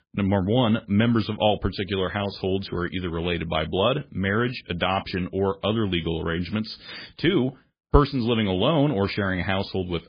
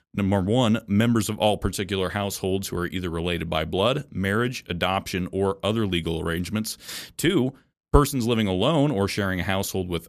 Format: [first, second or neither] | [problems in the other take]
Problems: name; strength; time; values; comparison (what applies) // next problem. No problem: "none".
second | garbled, watery; badly; nothing above 5 kHz